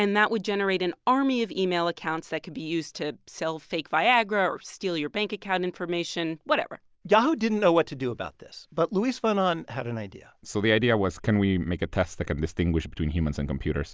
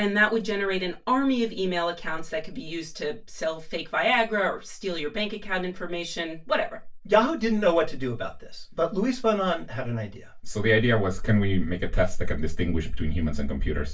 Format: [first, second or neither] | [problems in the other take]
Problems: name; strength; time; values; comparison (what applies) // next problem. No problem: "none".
first | room echo; dies away in 0.2 s